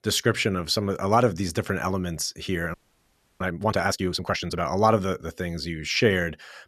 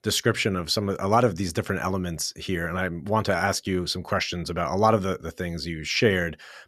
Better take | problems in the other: second | audio freezing; at 2.5 s for 0.5 s

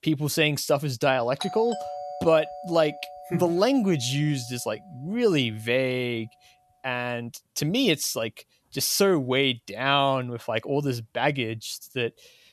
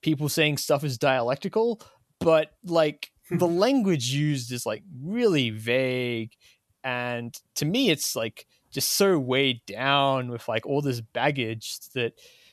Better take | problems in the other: second | doorbell; noticeable; from 1.5 to 4 s; peak 8 dB below the speech

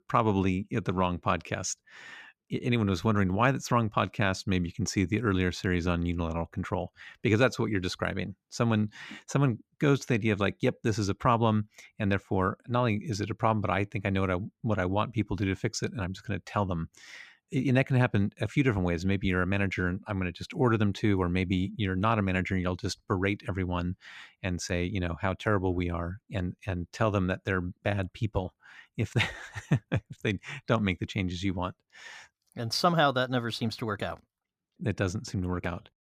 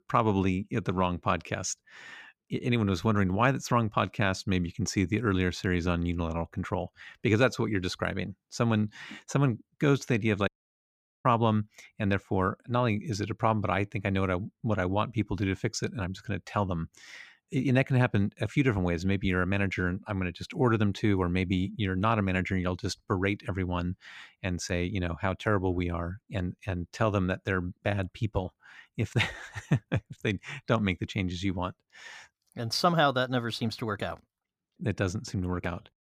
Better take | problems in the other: first | audio cutting out; at 10 s for 1 s

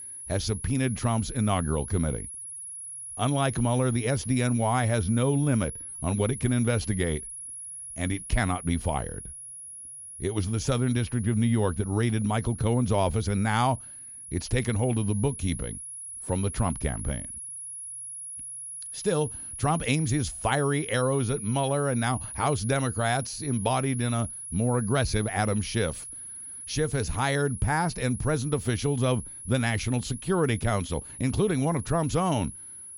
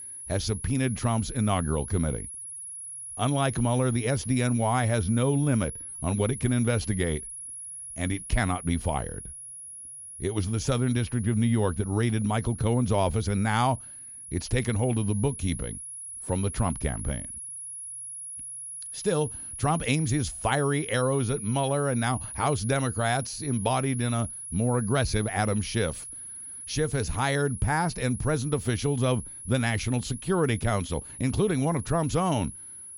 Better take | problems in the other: neither | high-pitched whine; loud; throughout; 10.5 kHz, 10 dB below the speech; the same in both

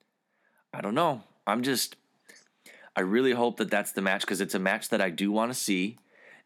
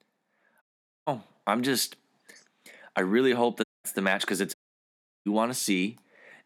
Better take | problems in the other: first | audio cutting out; at 0.5 s, at 3.5 s and at 4.5 s for 0.5 s

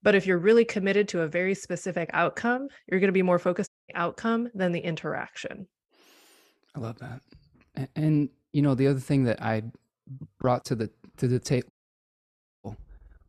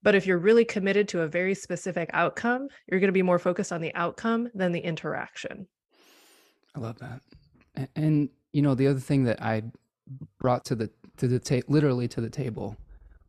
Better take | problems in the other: second | audio cutting out; at 3.5 s and at 12 s for 1 s

